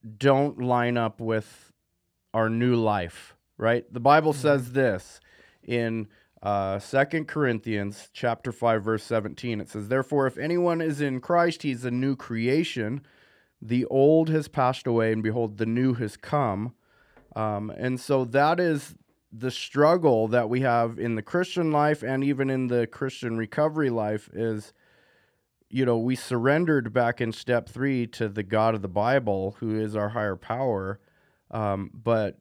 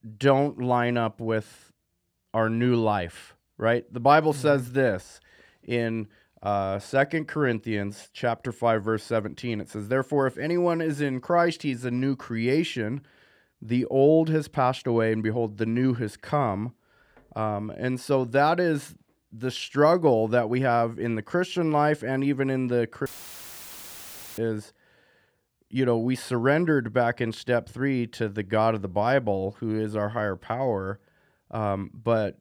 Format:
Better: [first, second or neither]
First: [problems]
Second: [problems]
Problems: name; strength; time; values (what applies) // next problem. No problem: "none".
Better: first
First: none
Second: audio cutting out; filled with static; at 23 s for 1.5 s